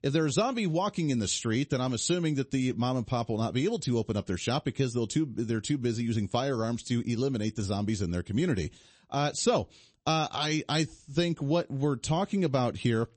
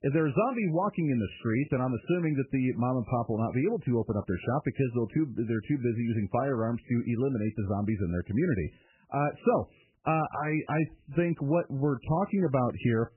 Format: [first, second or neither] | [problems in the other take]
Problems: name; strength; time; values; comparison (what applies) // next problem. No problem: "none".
first | garbled, watery; badly; nothing above 2.5 kHz; slightly in the first